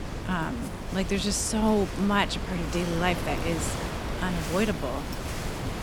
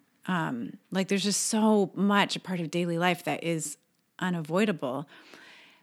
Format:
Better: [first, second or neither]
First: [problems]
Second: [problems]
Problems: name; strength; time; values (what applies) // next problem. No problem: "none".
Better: second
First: wind noise on the microphone; heavy; 6 dB below the speech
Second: none